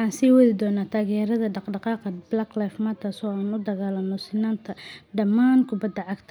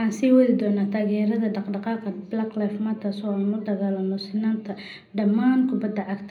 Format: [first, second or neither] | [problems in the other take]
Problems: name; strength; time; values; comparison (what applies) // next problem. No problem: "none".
first | room echo; dies away in 0.5 s